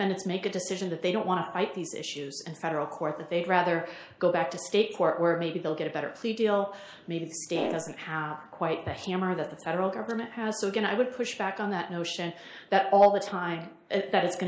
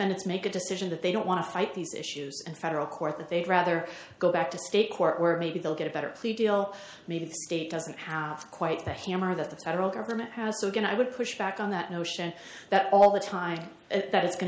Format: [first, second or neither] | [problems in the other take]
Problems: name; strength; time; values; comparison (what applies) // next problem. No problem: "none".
second | noise reduction (neural mask model Resemble Enhance denoiser)